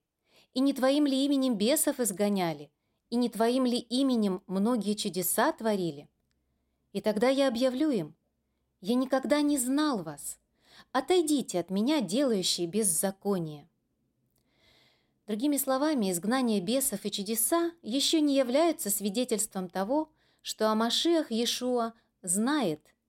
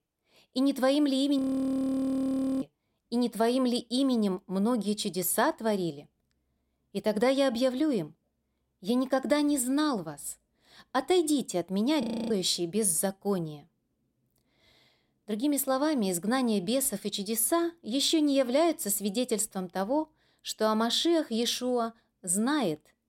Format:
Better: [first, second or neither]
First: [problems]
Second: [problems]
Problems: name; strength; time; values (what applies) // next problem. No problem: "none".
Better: first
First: none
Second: audio freezing; at 1.5 s for 1 s and at 12 s